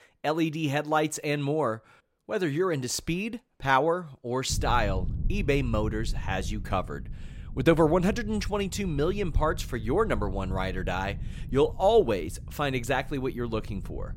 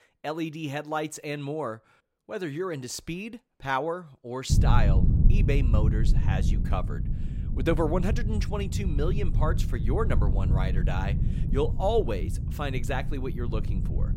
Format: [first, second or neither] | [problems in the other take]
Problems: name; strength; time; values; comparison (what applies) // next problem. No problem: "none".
first | low rumble; loud; from 4.5 s on; 9 dB below the speech; faint in the first